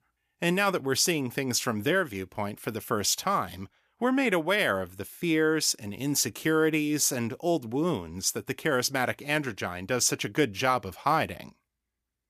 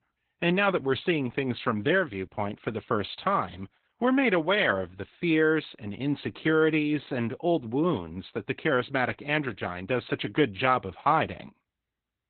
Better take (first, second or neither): first